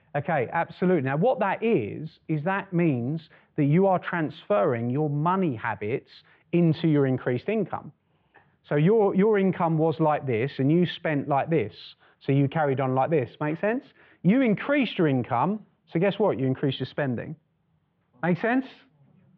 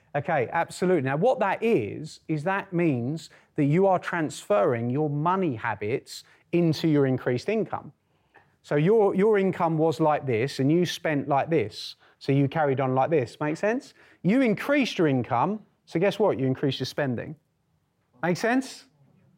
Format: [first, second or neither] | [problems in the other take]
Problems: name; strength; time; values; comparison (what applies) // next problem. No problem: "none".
second | muffled; slightly; fading above 3.5 kHz